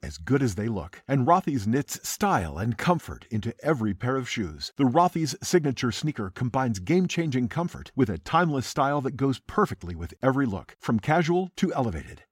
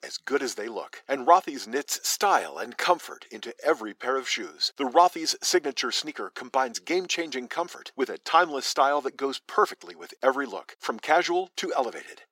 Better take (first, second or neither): first